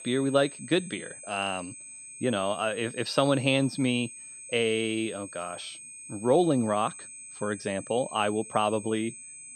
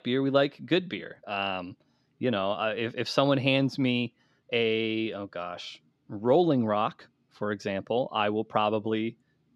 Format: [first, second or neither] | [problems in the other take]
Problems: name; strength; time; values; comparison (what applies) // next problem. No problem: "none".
second | high-pitched whine; noticeable; throughout; 8 kHz, 15 dB below the speech